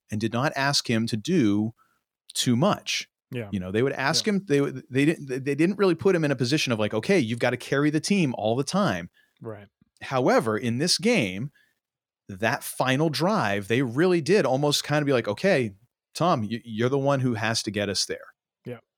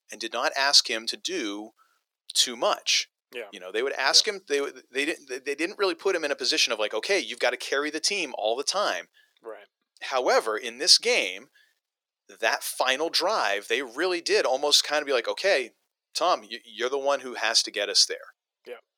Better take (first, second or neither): first